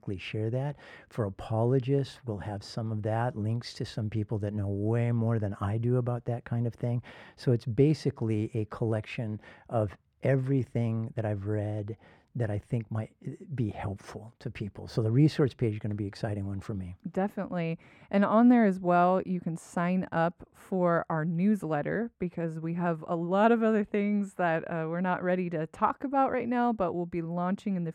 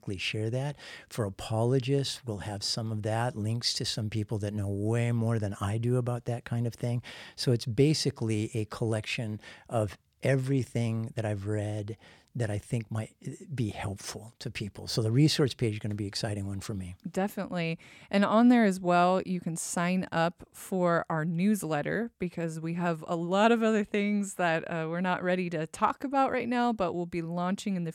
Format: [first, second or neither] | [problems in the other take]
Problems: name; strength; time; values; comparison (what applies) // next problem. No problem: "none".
second | muffled; slightly; fading above 2.5 kHz